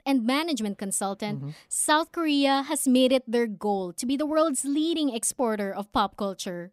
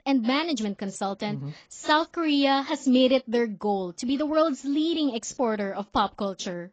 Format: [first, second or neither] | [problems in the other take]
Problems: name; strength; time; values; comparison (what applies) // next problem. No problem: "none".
first | garbled, watery; badly; nothing above 8 kHz